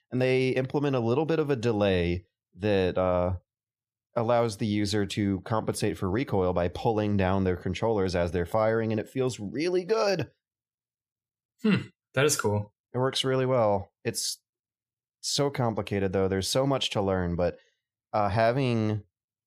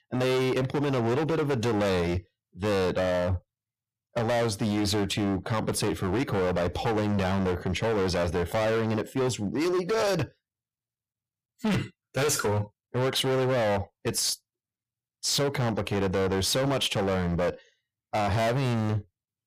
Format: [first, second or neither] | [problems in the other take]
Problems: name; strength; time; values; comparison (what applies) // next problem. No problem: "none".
first | distortion; heavy; 25% of the sound clipped